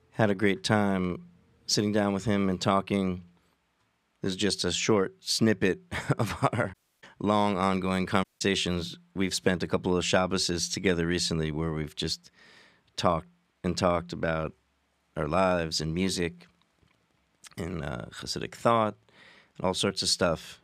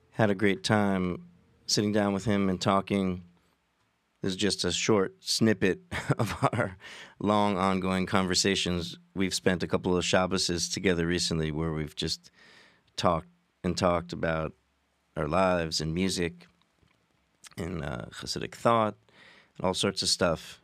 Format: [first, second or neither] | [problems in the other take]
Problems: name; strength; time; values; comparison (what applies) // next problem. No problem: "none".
second | audio cutting out; at 6.5 s and at 8 s